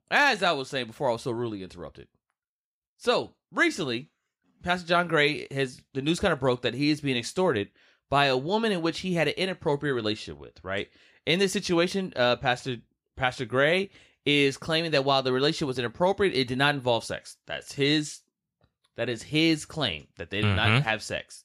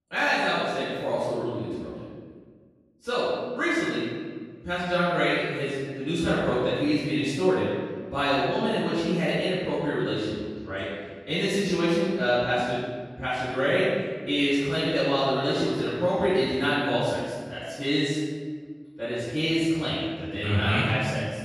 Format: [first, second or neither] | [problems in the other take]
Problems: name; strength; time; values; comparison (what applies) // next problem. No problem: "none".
first | off-mic speech; far // room echo; strong; dies away in 1.6 s